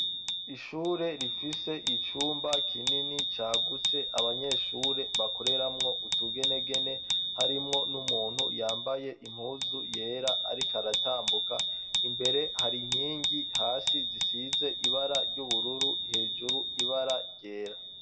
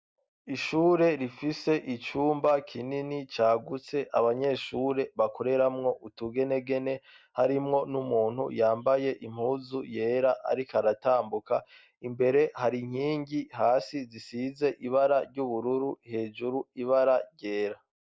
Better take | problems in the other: second | background sound (Bicycle bell); 5 dB above the speech // room echo; dies away in 1.4 s

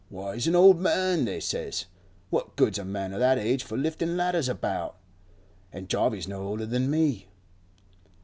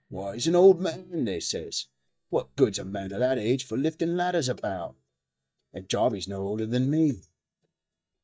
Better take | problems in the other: first | noise reduction (neural mask model DeepFilterNet 3)

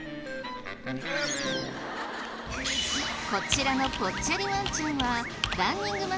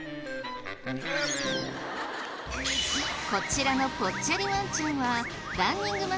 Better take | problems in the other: second | background sound (Computer keyboard); 10 dB below the speech

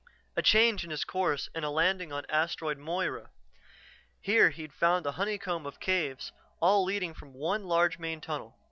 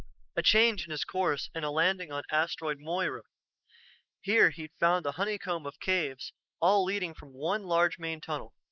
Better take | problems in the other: first | noise reduction (neural mask model Resemble Enhance denoiser)

